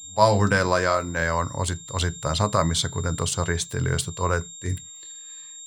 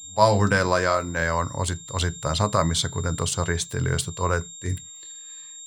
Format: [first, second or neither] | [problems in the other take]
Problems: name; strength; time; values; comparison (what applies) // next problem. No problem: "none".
neither | high-pitched whine; noticeable; throughout; 7.5 kHz, 15 dB below the speech; the same in both